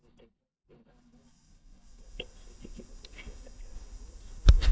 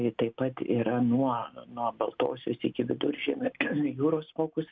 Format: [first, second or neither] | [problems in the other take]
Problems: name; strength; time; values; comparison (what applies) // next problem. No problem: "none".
second | noise reduction (neural mask model DeepFilterNet 3)